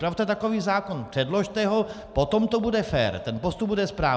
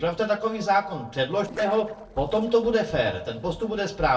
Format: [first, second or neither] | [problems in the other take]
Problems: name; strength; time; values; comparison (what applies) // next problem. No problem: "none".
first | noise reduction (neural separator model SepFormer DNS4)